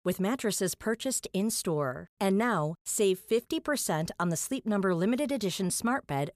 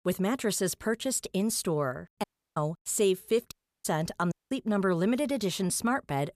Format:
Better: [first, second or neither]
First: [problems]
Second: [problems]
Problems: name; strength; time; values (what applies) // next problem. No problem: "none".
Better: first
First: none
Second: audio cutting out; at 2 s, at 3.5 s and at 4.5 s